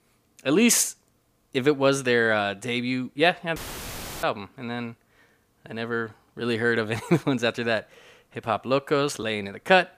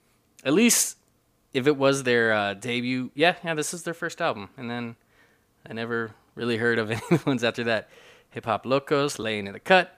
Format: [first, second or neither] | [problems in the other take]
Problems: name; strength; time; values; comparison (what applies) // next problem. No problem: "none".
second | audio cutting out; filled with static; at 3.5 s for 0.5 s